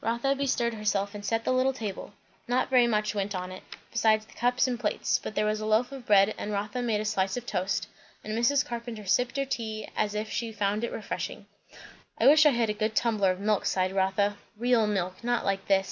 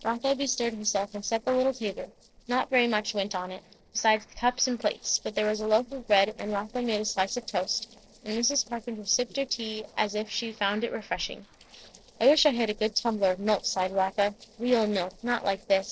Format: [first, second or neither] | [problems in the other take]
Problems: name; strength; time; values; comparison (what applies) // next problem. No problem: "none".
first | noise reduction (neural separator model SepFormer DNS4)